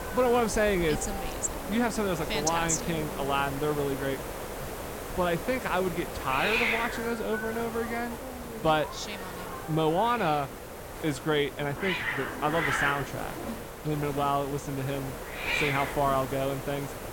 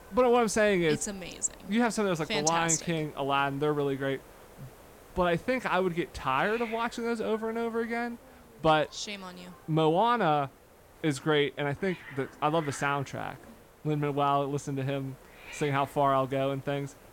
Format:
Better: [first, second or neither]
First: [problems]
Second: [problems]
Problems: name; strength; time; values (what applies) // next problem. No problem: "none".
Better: second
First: hiss; loud; throughout; 4 dB below the speech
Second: hiss; faint; throughout; 20 dB below the speech